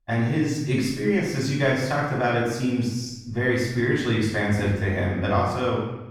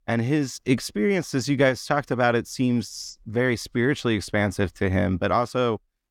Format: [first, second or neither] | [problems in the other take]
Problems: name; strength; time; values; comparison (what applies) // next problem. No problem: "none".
second | off-mic speech; far // room echo; noticeable; dies away in 1 s